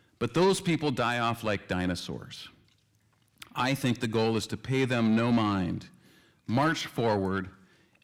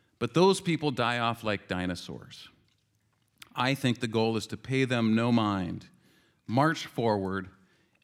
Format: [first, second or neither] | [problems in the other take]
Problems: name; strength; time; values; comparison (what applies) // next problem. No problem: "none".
second | distortion; slight; 10 dB below the speech